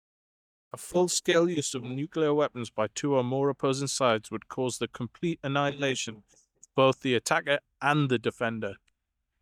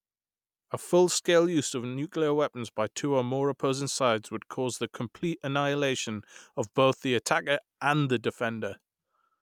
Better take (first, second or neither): second